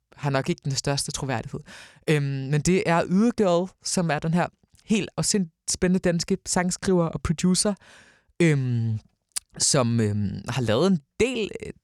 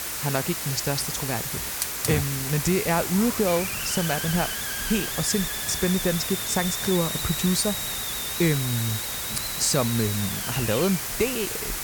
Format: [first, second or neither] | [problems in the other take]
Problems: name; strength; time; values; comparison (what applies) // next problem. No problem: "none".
first | hiss; loud; throughout; 1 dB below the speech